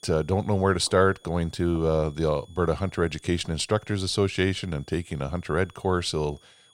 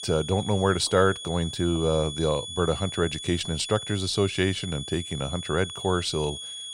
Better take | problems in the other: first | high-pitched whine; loud; throughout; 3.5 kHz, 8 dB below the speech; faint in the first

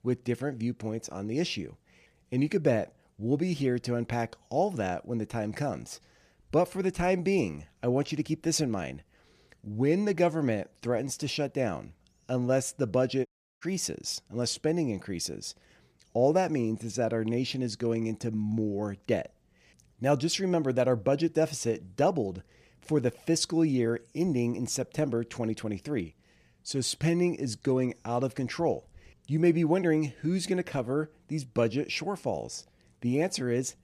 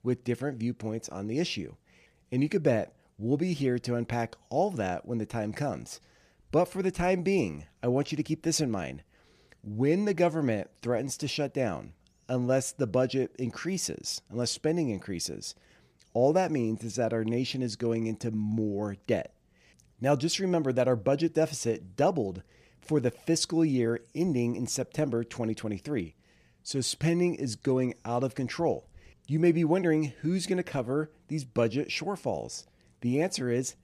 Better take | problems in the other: second | audio cutting out; at 13 s

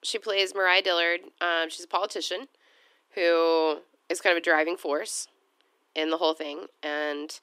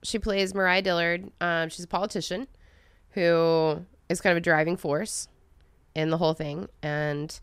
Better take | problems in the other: second | thin; very; fading below 300 Hz

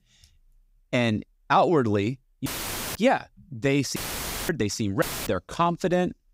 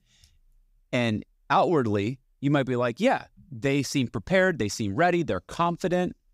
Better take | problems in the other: second | audio cutting out; filled with static; at 2.5 s, at 4 s for 0.5 s and at 5 s

